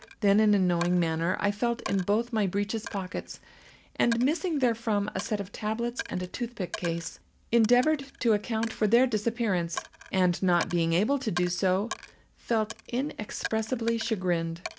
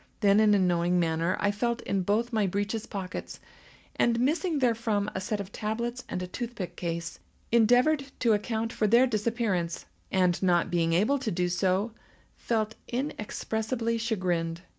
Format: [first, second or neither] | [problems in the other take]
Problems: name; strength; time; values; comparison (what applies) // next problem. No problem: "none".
second | background sound (Coin (dropping)); 16 dB below the speech